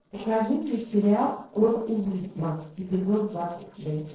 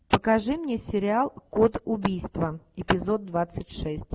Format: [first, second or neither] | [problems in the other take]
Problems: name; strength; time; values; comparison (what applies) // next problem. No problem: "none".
second | noise reduction (neural separator model SepFormer DNS4)